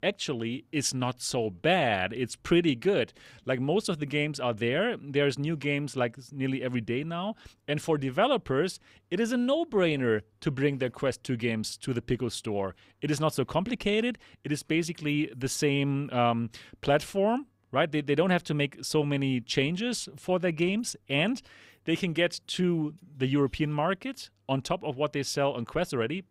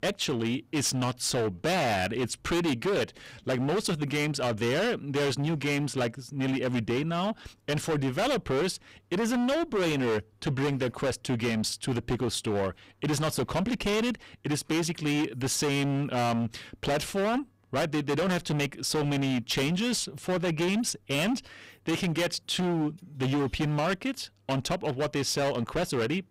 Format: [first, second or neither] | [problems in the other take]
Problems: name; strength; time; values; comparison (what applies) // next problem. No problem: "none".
first | distortion; heavy; 23% of the sound clipped